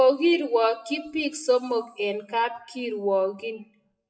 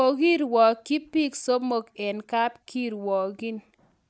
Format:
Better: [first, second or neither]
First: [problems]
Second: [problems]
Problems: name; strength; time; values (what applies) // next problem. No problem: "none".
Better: second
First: noise reduction (classical method WPE with log-MMSE)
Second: none